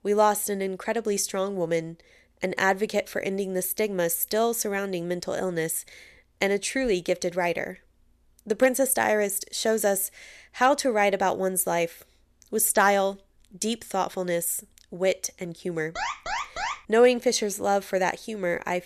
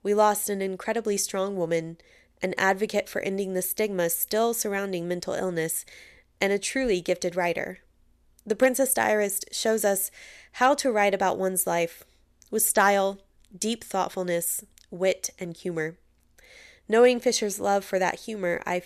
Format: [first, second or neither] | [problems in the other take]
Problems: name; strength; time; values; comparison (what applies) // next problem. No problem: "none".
second | alarm; noticeable; at 16 s; peak 4 dB below the speech